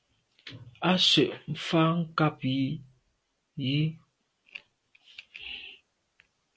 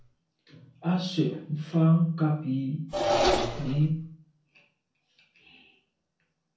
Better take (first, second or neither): first